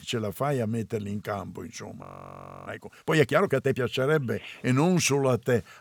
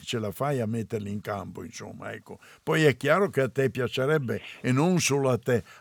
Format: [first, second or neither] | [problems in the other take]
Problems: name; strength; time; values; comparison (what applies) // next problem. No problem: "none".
second | audio freezing; at 2 s for 0.5 s